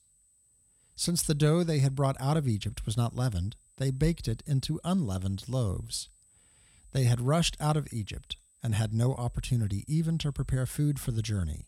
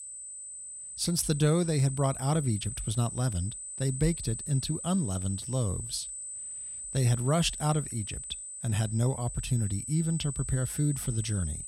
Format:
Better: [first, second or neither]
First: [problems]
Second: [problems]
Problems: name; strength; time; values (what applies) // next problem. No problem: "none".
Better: first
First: high-pitched whine; faint; throughout; 8 kHz, 30 dB below the speech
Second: high-pitched whine; loud; throughout; 8 kHz, 7 dB below the speech